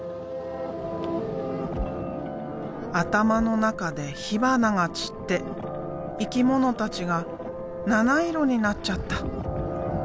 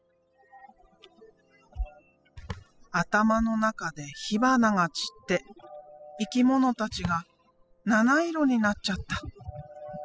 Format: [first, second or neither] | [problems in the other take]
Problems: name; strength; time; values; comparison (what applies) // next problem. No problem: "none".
first | noise reduction (classical method spectral subtraction)